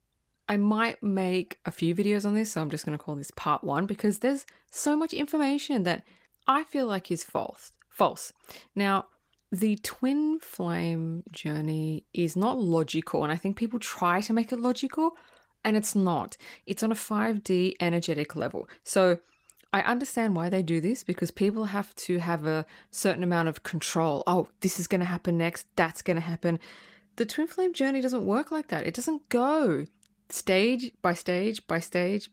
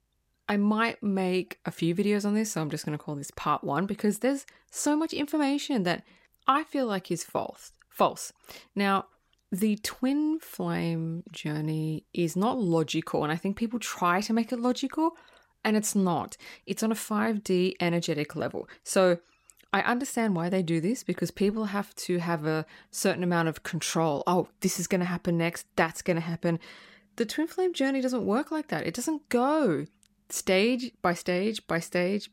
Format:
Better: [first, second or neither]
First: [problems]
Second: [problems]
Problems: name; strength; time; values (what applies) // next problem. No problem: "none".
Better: second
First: garbled, watery; slightly; nothing above 16 kHz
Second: none